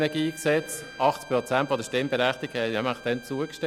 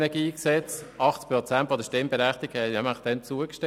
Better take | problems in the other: second | background sound (Bowed string instrument); 19 dB below the speech

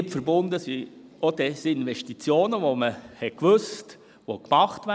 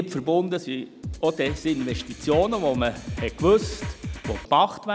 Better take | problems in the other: first | background sound (Drum kit); 9 dB below the speech

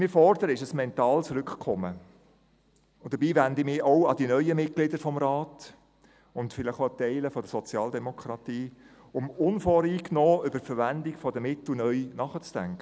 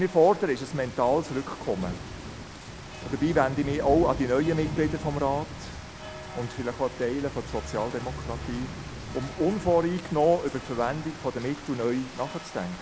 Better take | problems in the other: first | background sound (Growling + Rain); 10 dB below the speech

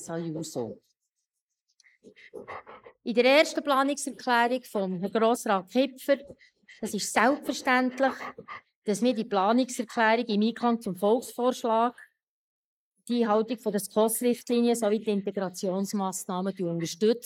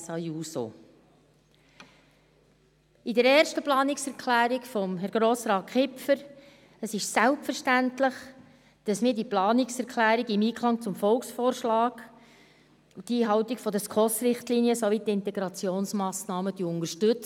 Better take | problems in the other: second | noise reduction (neural mask model Resemble Enhance denoiser)

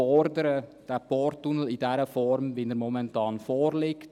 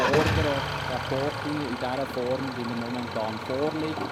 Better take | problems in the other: first | background sound (Idling / Engine starting); 1 dB below the speech

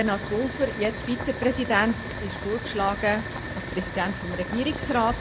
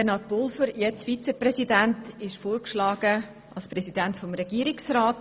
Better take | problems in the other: second | background sound (Boiling); 7 dB below the speech

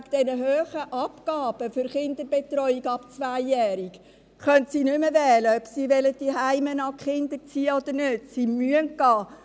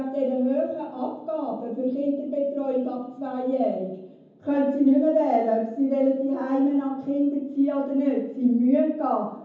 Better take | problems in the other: first | room echo; dies away in 0.9 s

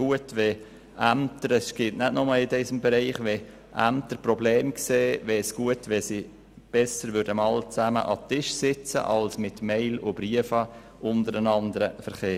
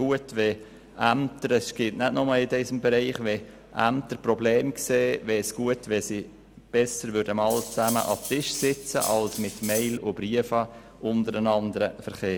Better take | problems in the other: first | background sound (Cutlery, silverware); 10 dB below the speech

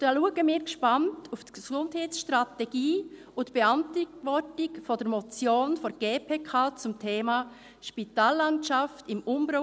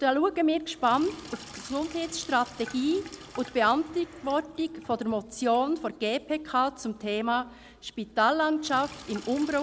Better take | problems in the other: first | background sound (Sink (filling or washing)); 20 dB below the speech

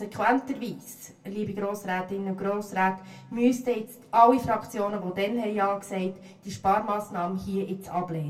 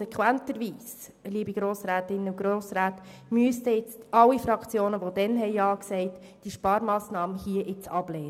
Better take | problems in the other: second | room echo; dies away in 0.2 s

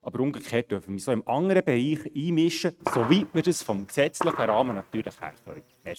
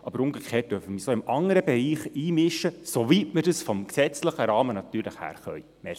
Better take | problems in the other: second | noise reduction (neural mask model RNNoise)

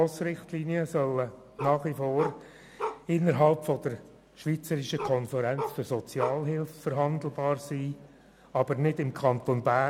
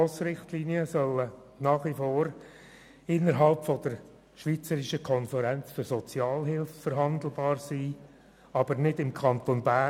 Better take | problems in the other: second | background sound (Bark); 9 dB below the speech

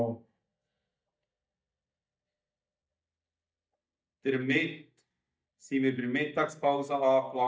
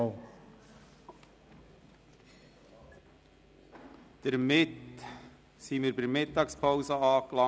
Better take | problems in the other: second | noise reduction (neural mask model DeepFilterNet 3)

